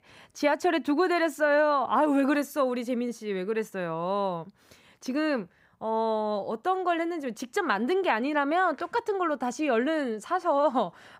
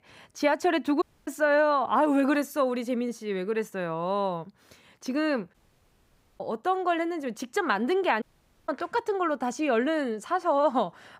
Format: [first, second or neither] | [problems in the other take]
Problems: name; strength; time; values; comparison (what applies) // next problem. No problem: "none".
first | audio cutting out; at 1 s, at 5.5 s for 1 s and at 8 s